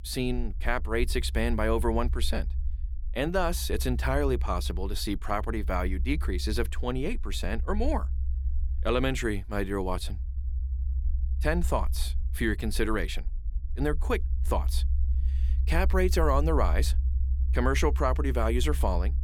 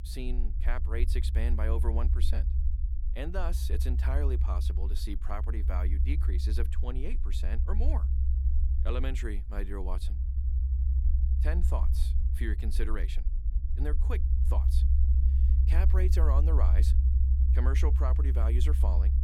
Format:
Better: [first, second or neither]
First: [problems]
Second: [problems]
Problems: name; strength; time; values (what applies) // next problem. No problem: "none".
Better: first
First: low rumble; faint; throughout; 20 dB below the speech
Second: low rumble; loud; throughout; 6 dB below the speech